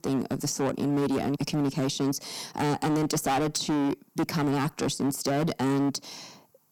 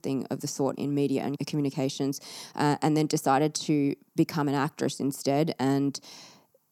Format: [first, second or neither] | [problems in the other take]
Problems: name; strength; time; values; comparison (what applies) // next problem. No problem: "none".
second | distortion; heavy; 19% of the sound clipped